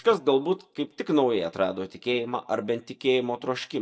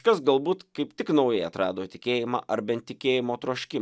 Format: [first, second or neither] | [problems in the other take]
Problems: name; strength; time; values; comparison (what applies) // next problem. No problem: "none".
second | noise reduction (neural mask model DeepFilterNet 3)